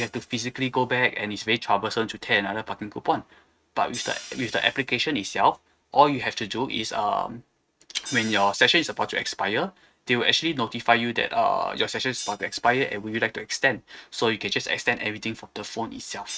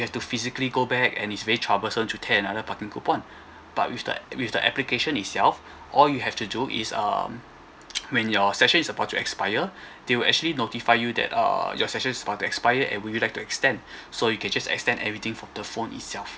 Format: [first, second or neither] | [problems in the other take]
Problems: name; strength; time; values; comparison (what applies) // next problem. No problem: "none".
second | noise reduction (neural mask model RNNoise)